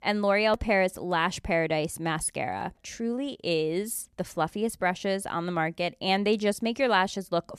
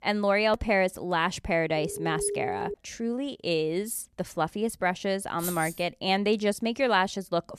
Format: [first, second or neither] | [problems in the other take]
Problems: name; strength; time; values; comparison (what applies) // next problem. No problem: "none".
first | phone ringing; noticeable; at 2 s; peak 5 dB below the speech // jangling keys; noticeable; at 5.5 s; peak 7 dB below the speech